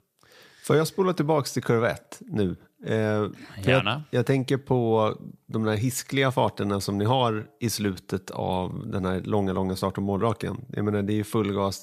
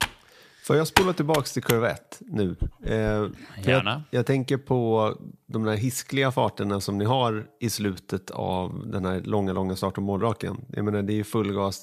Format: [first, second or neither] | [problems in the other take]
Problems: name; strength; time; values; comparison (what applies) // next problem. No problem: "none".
first | keyboard typing; loud; until 1.5 s; peak 3 dB above the speech // dog barking; noticeable; at 2.5 s; peak 9 dB below the speech